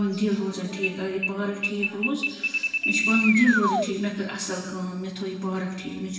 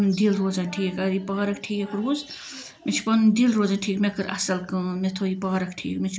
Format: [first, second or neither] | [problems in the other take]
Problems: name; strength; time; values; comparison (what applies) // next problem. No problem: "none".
second | background sound (Alarm); as loud as the speech // room echo; dies away in 1.2 s